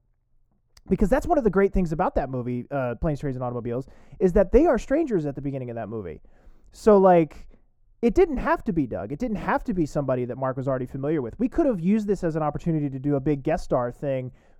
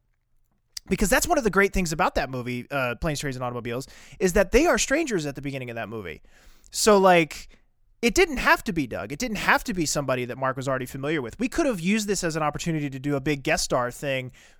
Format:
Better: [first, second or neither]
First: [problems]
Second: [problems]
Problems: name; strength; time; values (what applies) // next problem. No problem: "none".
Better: second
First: muffled; very; fading above 1.5 kHz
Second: none